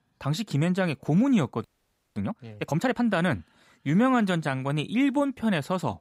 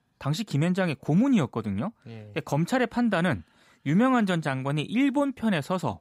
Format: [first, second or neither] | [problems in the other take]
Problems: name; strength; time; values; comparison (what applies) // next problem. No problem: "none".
second | audio freezing; at 1.5 s for 0.5 s